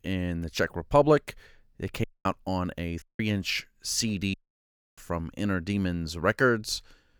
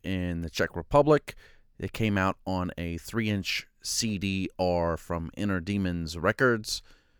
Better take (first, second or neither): second